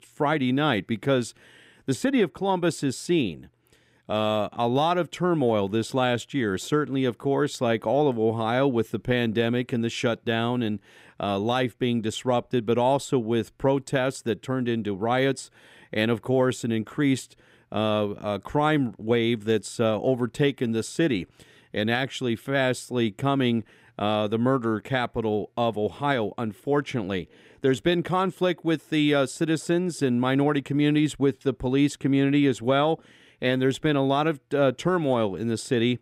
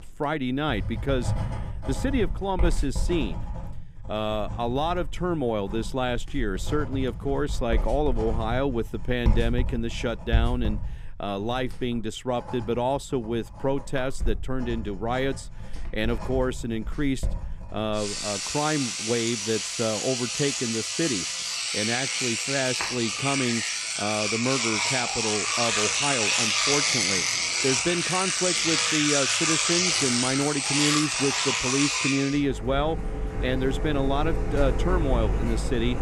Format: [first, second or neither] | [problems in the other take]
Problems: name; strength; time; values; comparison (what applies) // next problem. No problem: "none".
first | household noises; very loud; throughout; 2 dB above the speech